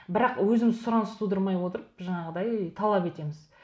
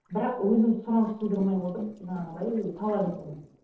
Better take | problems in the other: first | noise reduction (neural separator model SepFormer DNS4)

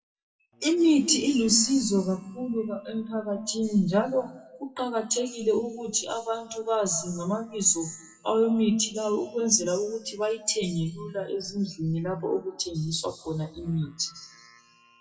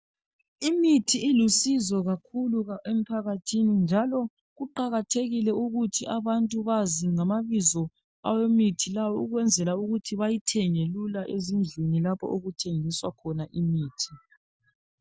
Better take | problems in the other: second | noise reduction (classical method WPE with log-MMSE)

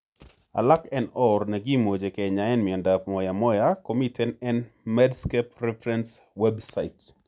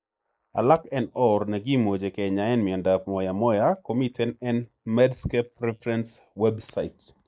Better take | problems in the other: first | noise reduction (neural mask model Resemble Enhance denoiser)

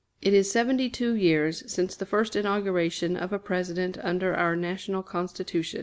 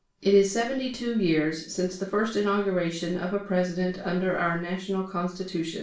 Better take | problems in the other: first | room echo; dies away in 0.3 s

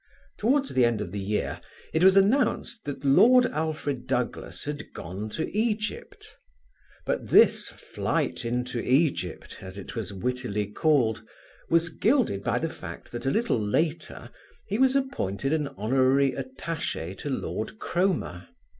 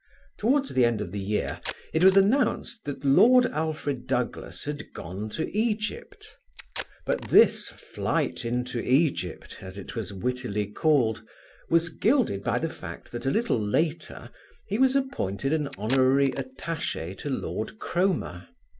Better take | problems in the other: first | background sound (Packing tape, duct tape); 16 dB below the speech

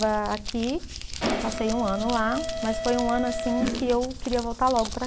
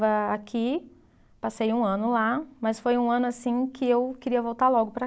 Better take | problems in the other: second | background sound (Crumpling, crinkling + Mechanisms); 4 dB below the speech

